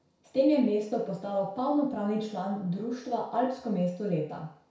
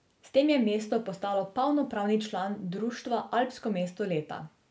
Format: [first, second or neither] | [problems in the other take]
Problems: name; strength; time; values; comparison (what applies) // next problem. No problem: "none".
second | room echo; dies away in 0.6 s